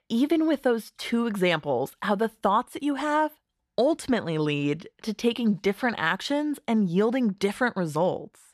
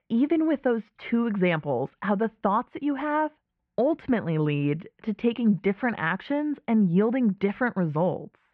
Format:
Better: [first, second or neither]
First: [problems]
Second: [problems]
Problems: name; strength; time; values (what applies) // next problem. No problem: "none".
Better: first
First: none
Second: muffled; very; fading above 2.5 kHz